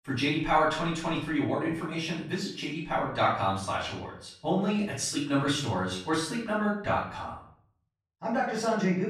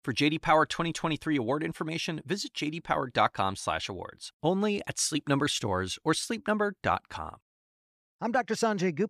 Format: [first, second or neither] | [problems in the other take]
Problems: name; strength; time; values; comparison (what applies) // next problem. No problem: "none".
second | off-mic speech; far // room echo; noticeable; dies away in 0.5 s